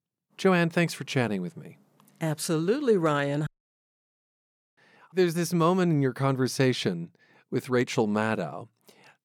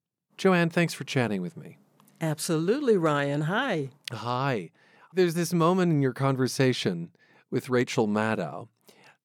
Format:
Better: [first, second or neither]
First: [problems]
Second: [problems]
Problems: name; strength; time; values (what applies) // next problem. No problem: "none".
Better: second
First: audio cutting out; at 3.5 s for 1.5 s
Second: none